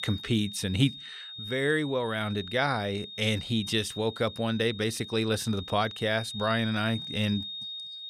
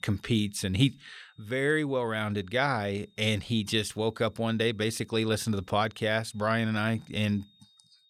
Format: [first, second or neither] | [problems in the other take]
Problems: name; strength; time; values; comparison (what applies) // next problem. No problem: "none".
second | high-pitched whine; loud; throughout; 3.5 kHz, 10 dB below the speech; faint in the second